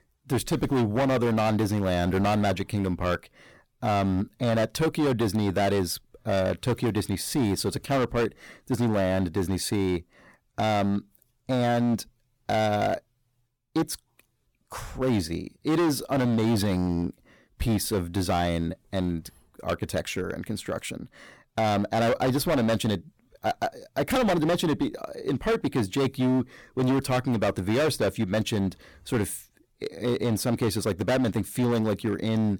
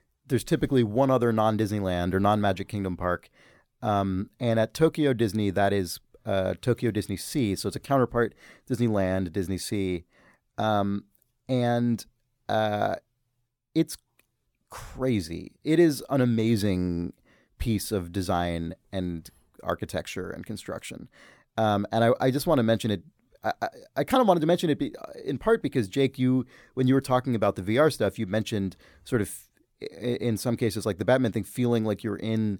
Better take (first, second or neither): second